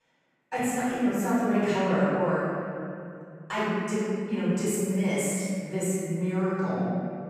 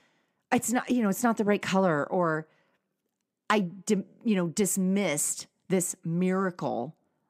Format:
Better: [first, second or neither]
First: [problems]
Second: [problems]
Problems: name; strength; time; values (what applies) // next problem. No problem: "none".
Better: second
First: off-mic speech; far // room echo; strong; dies away in 2.5 s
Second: none